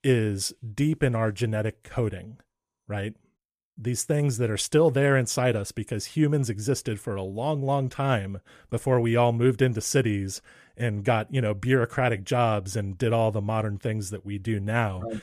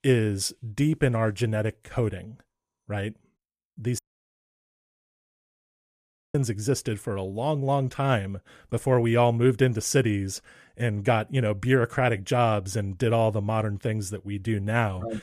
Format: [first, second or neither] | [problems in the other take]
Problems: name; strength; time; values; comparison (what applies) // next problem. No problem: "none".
first | audio cutting out; at 4 s for 2.5 s